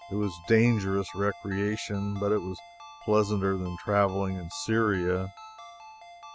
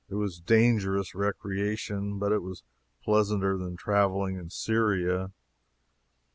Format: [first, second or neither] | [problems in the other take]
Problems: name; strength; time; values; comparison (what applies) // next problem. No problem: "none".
second | background sound (Ringtone); 18 dB below the speech